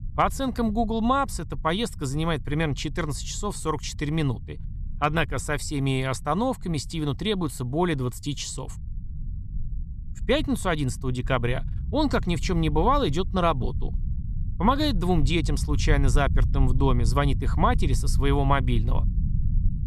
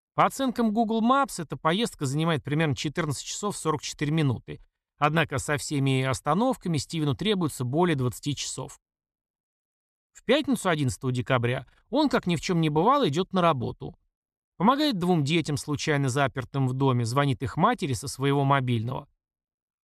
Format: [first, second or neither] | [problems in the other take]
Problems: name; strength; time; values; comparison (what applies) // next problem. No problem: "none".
second | low rumble; faint; throughout; 20 dB below the speech